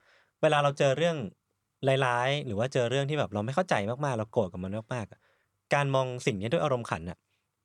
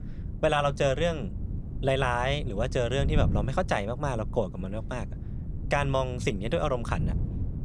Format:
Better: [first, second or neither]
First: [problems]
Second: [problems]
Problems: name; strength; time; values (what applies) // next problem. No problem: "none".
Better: first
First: none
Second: wind noise on the microphone; occasional gusts; 15 dB below the speech